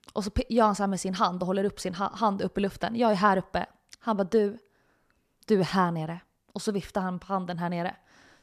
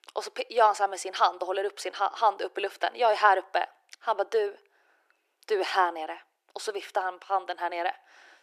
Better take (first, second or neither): first